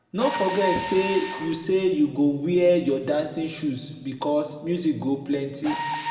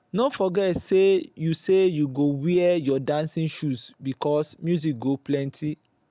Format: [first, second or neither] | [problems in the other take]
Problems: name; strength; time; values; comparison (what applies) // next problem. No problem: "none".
second | background sound (Mechanisms); 10 dB below the speech // room echo; dies away in 1.4 s